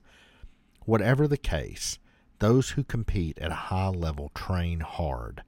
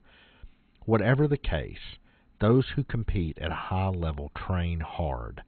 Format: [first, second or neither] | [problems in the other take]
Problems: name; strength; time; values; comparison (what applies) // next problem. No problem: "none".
first | garbled, watery; badly; nothing above 4 kHz